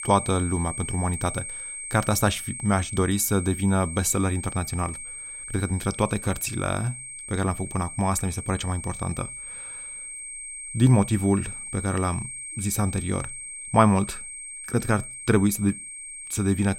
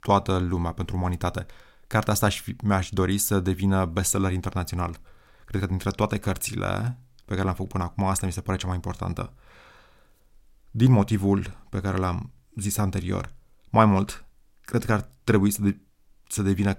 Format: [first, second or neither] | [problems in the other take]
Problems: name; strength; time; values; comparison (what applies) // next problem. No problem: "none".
second | high-pitched whine; loud; throughout; 8.5 kHz, 9 dB below the speech